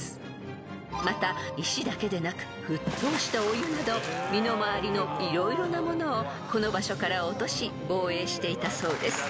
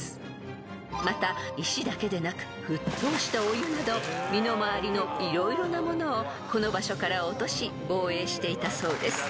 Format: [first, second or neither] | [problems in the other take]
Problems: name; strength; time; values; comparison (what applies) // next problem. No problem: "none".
second | background sound (Guitar); 17 dB below the speech